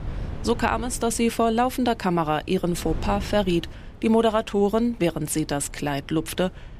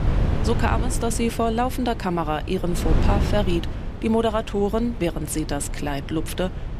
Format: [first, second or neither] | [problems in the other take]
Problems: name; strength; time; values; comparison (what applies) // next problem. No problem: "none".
first | wind noise on the microphone; heavy; 10 dB below the speech; occasional gusts in the first